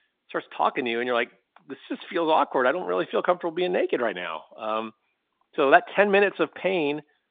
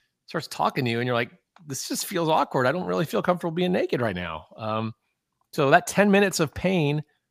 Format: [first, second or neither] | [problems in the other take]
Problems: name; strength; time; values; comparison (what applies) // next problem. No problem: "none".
second | phone-call audio; nothing above 3.5 kHz